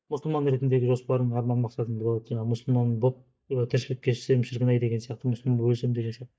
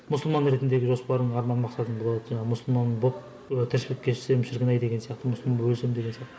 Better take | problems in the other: second | noise reduction (neural mask model DeepFilterNet 3)

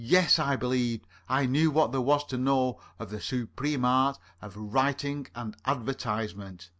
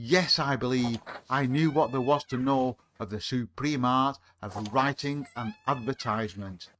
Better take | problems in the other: first | noise reduction (neural mask model RNNoise)

